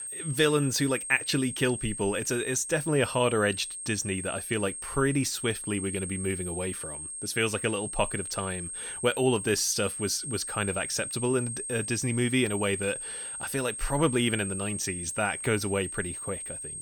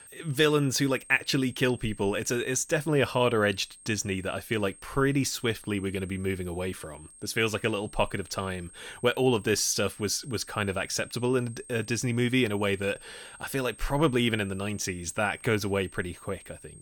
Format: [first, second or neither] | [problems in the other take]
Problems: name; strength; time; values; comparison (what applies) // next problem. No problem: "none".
second | high-pitched whine; loud; throughout; 8.5 kHz, 6 dB below the speech; faint in the second